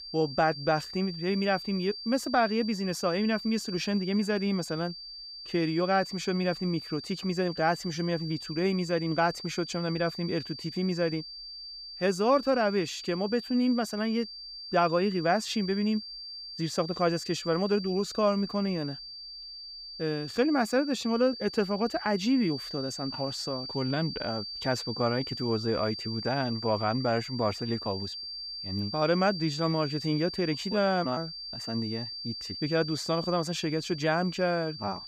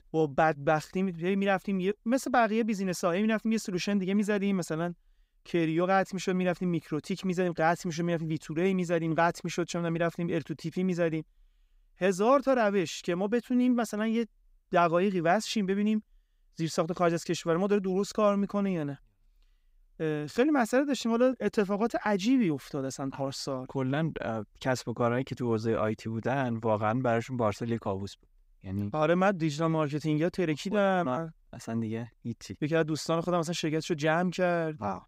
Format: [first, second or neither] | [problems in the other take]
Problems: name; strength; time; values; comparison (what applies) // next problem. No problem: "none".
second | high-pitched whine; loud; throughout; 4.5 kHz, 9 dB below the speech